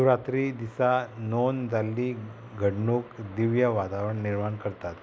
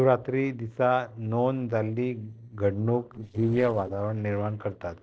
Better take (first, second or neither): first